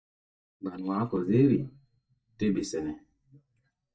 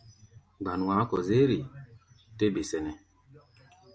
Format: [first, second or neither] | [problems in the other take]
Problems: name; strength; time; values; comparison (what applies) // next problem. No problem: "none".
second | noise reduction (neural mask model DeepFilterNet 3)